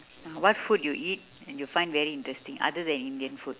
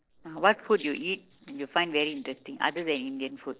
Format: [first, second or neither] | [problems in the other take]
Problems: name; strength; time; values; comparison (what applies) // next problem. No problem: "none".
first | noise reduction (neural separator model SepFormer DNS4)